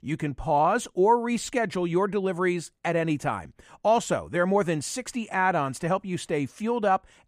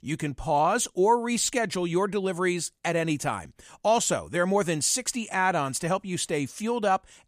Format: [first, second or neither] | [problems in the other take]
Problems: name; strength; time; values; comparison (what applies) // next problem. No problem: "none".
second | muffled; slightly; fading above 3 kHz